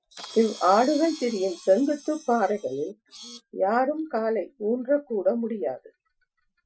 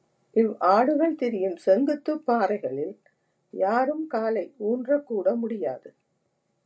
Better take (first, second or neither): second